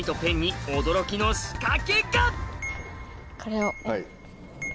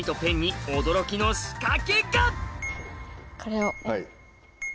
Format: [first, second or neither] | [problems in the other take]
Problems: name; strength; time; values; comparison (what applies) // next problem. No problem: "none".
second | background sound (Sliding door); 16 dB below the speech